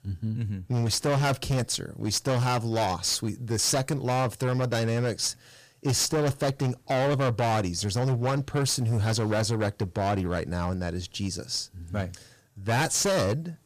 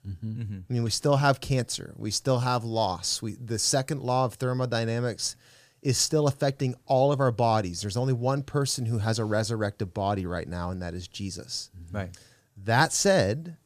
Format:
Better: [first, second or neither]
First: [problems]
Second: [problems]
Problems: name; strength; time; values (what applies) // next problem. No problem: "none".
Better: second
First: distortion; heavy; 16% of the sound clipped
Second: none